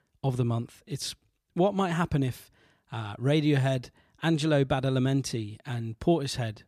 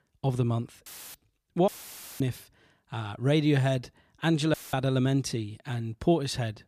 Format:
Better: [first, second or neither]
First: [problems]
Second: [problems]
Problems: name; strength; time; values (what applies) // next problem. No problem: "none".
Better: first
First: none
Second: audio cutting out; filled with static; at 1 s, at 1.5 s for 0.5 s and at 4.5 s